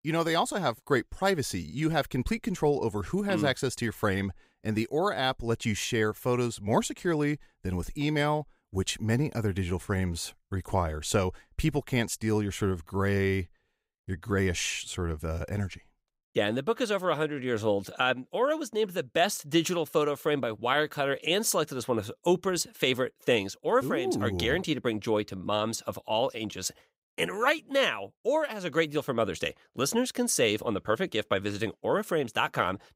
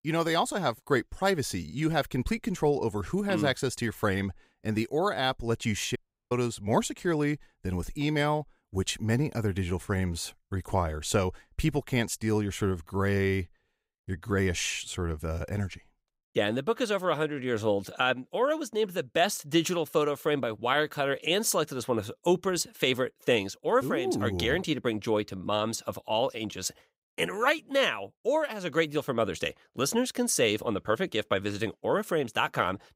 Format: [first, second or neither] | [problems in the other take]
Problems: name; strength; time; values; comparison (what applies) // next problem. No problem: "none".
first | audio cutting out; at 6 s